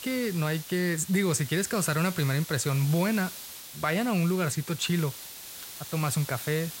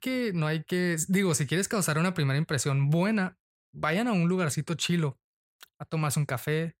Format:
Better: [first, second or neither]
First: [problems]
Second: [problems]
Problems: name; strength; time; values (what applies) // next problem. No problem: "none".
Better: second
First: hiss; noticeable; throughout; 10 dB below the speech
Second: none